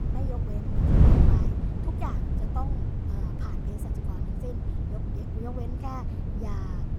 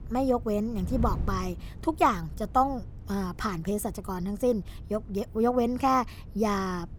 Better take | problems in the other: second | wind noise on the microphone; heavy; 4 dB above the speech; occasional gusts in the second

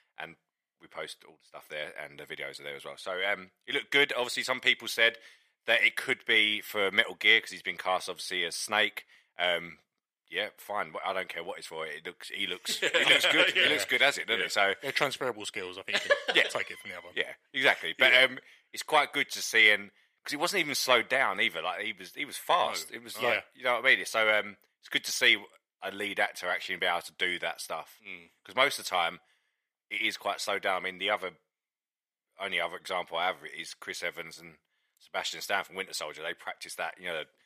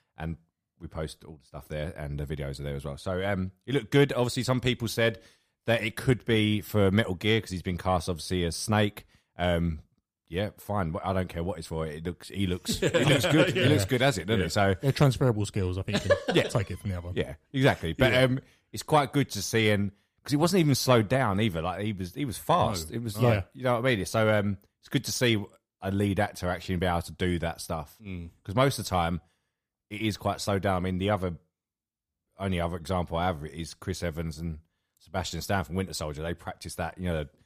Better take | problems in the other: second | thin; very; fading below 550 Hz

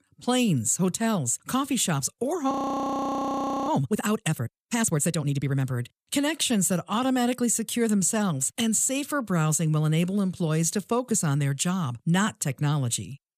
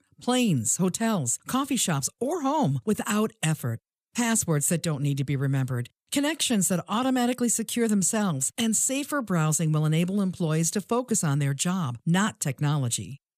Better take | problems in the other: second | audio freezing; at 2.5 s for 1 s

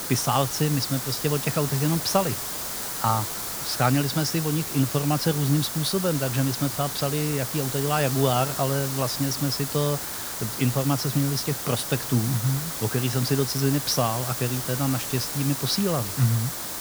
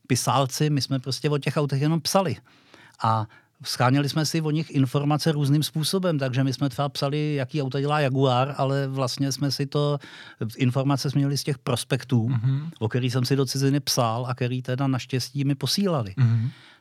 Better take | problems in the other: second | hiss; loud; throughout; 4 dB below the speech

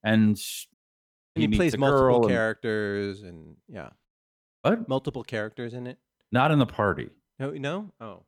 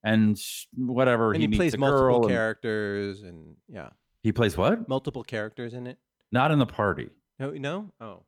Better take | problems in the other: second | audio cutting out; at 0.5 s for 0.5 s and at 4 s for 0.5 s

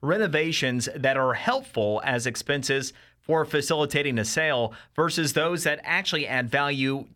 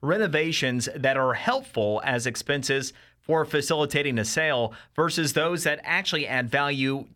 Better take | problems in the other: neither | none

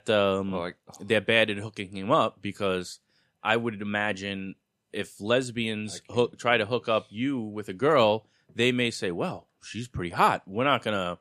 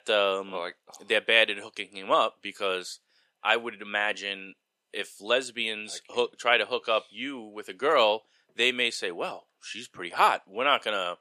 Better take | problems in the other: first | thin; somewhat; fading below 450 Hz

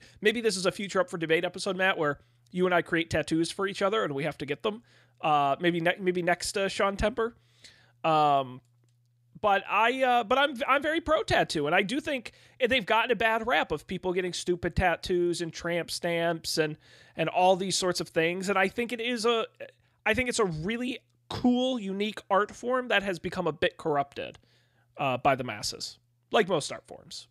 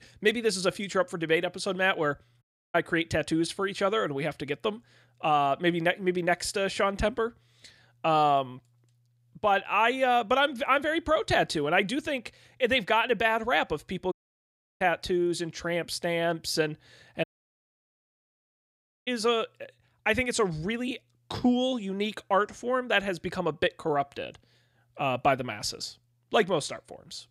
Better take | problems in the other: first | audio cutting out; at 2.5 s, at 14 s for 0.5 s and at 17 s for 2 s

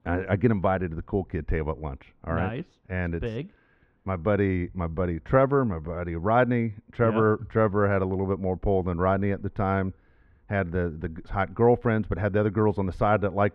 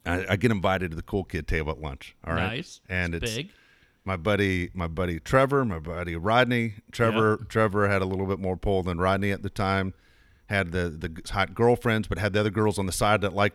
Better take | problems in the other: second | muffled; very; fading above 3.5 kHz

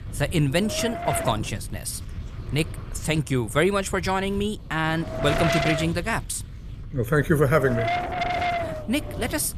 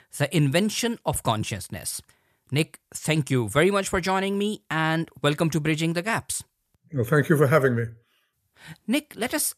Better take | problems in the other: second | wind noise on the microphone; heavy; 1 dB below the speech

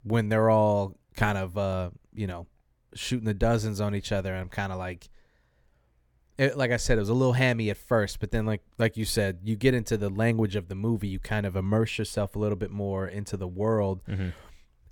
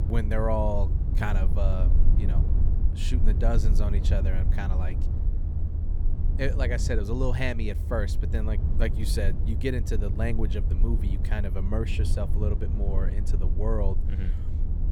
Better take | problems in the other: first | low rumble; loud; throughout; 10 dB below the speech

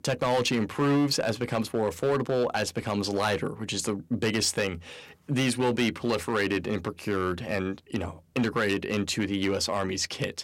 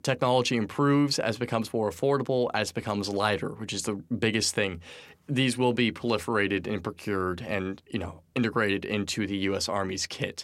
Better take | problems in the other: second | distortion; slight; 6% of the sound clipped

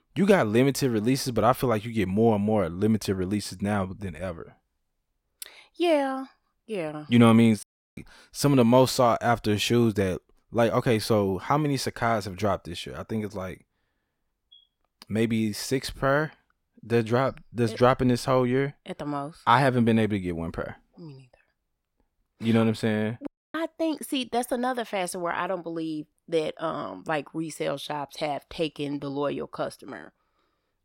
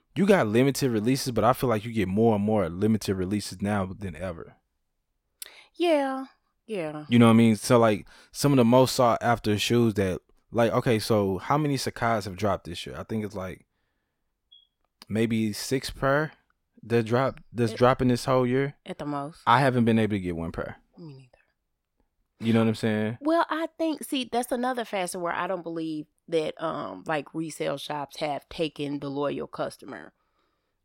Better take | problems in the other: second | audio cutting out; at 7.5 s and at 23 s

